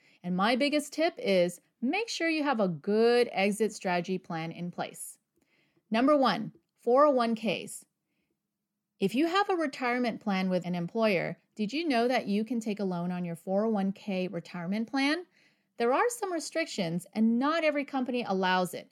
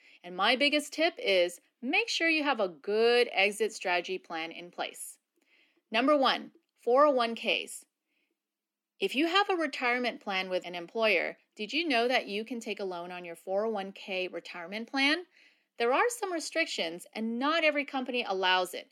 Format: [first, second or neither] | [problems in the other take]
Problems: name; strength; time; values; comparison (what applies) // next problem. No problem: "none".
first | thin; very slightly; fading below 250 Hz